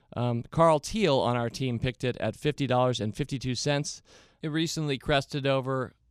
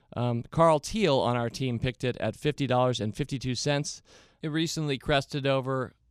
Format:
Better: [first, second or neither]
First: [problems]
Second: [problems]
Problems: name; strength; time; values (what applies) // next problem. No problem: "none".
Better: neither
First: none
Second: none